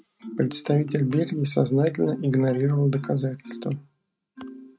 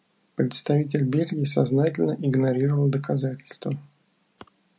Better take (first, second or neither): second